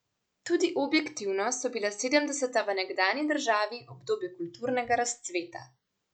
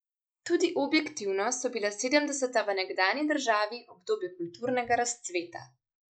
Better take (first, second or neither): first